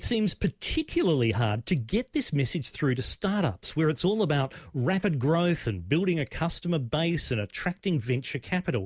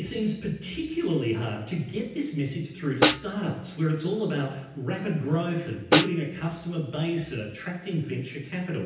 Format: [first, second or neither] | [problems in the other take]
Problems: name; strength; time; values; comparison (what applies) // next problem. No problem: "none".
first | background sound (Snare drum); as loud as the speech // room echo; dies away in 0.9 s